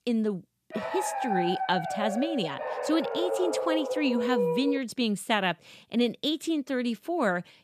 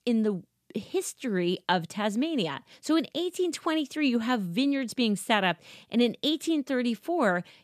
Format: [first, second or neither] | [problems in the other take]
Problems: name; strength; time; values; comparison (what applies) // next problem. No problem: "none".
second | dog barking; loud; from 0.5 to 5 s; peak 2 dB above the speech